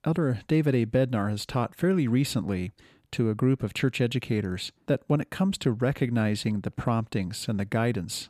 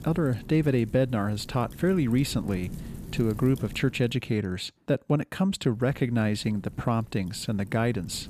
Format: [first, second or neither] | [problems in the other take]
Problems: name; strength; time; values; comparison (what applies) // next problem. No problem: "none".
first | wind noise on the microphone; occasional gusts; until 4 s and from 5.5 s on; 20 dB below the speech